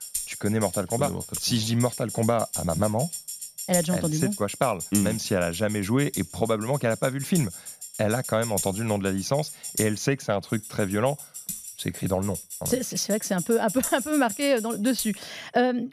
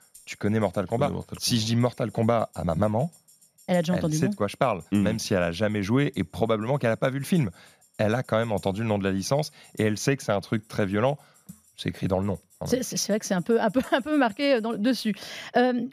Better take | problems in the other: second | background music; loud; throughout; 7 dB below the speech; faint in the second

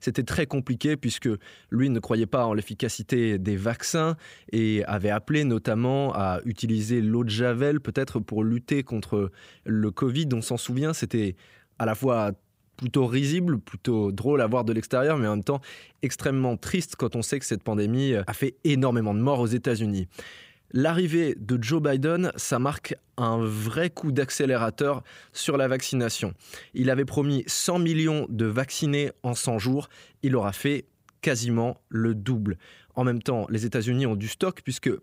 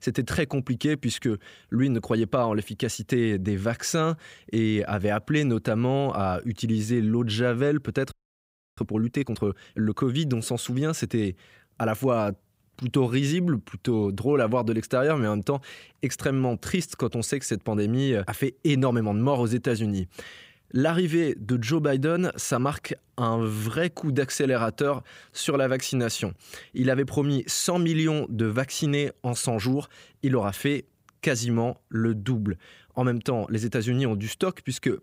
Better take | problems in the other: first | audio freezing; at 8 s for 0.5 s

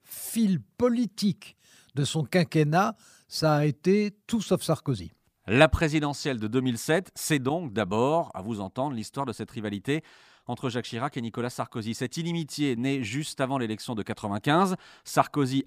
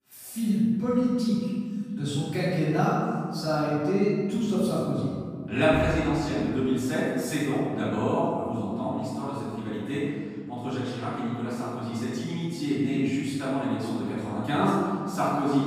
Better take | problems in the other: first | room echo; strong; dies away in 2.1 s // off-mic speech; far

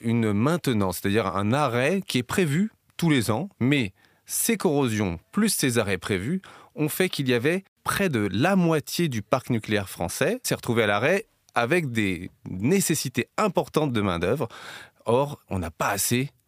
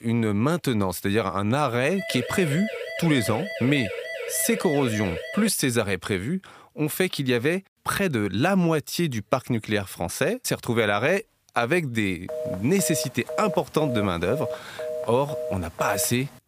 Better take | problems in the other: first | siren; noticeable; from 2 to 5.5 s; peak 7 dB below the speech // phone ringing; noticeable; from 12 s on; peak 7 dB below the speech

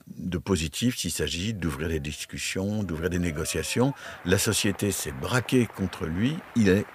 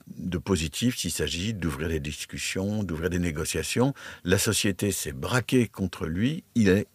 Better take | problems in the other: second | crowd noise; noticeable; throughout; 20 dB below the speech

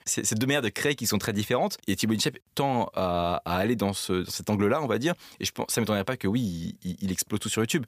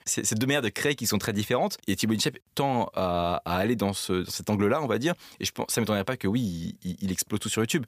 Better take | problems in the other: neither | none

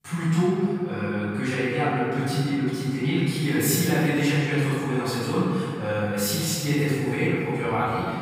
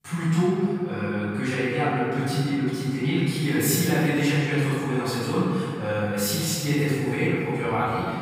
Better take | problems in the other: neither | room echo; strong; dies away in 2.3 s; the same in both // off-mic speech; far; the same in both

